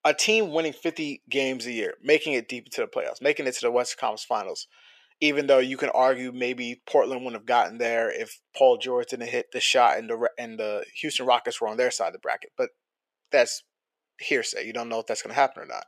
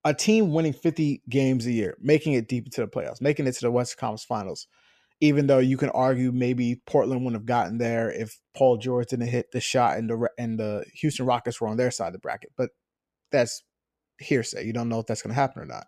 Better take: second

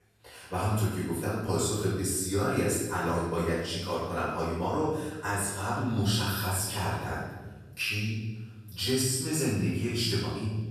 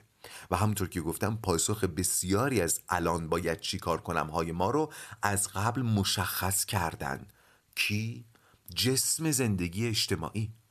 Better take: second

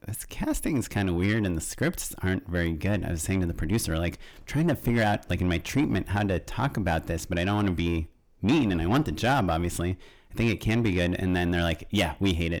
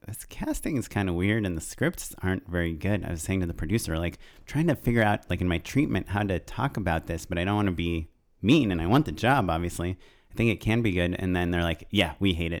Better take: second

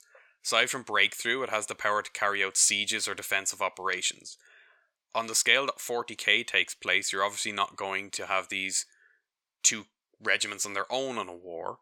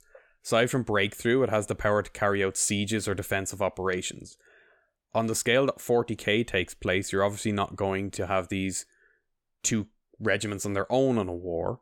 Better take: second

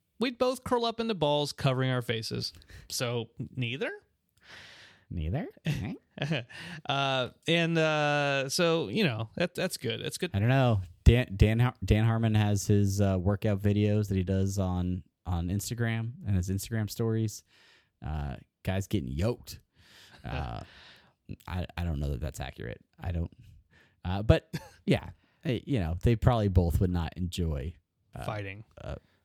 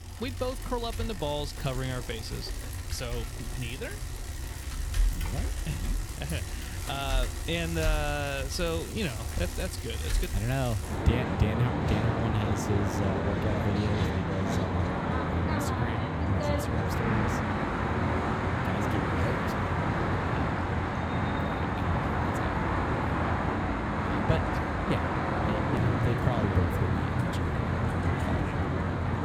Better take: first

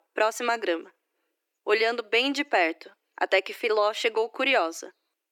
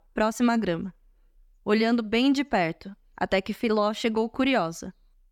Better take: second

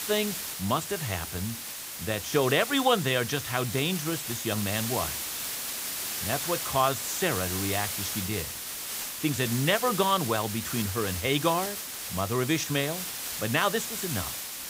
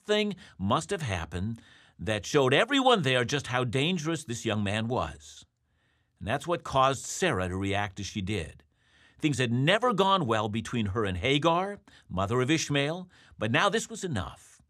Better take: second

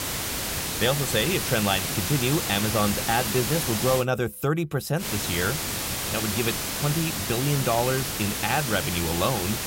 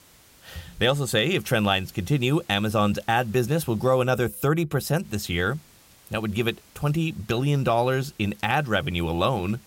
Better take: second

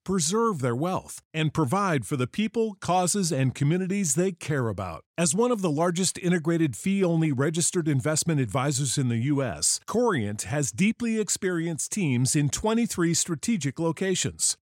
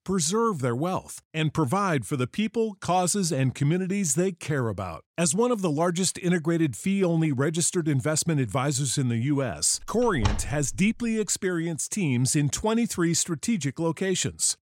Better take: first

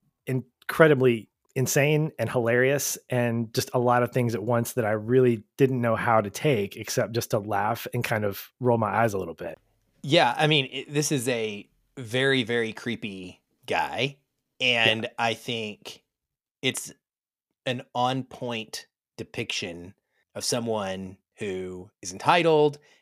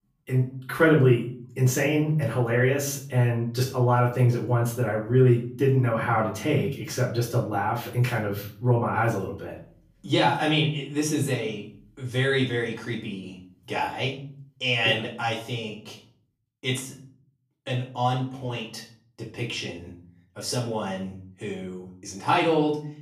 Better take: first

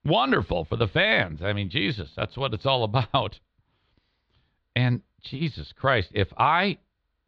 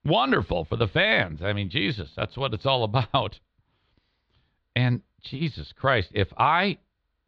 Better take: neither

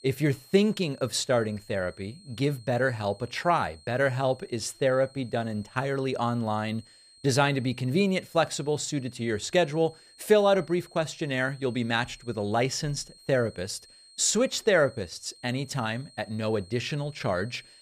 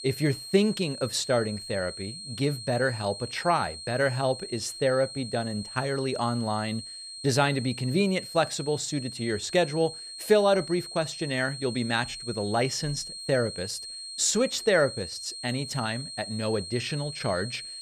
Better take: first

